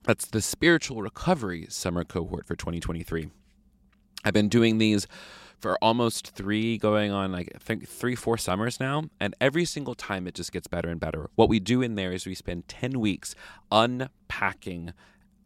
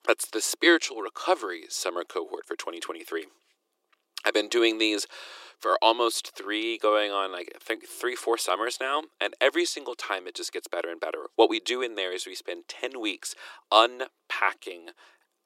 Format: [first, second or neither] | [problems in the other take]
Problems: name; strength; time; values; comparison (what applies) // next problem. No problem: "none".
first | thin; very; fading below 350 Hz